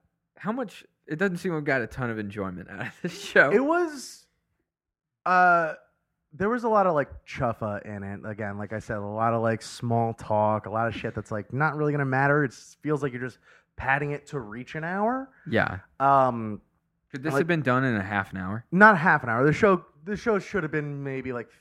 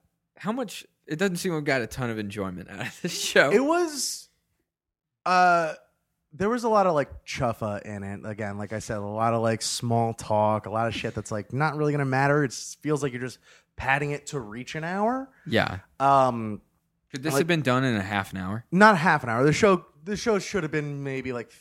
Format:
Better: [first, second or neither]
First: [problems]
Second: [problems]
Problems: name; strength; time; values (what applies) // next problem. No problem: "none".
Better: second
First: muffled; slightly; fading above 3 kHz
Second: none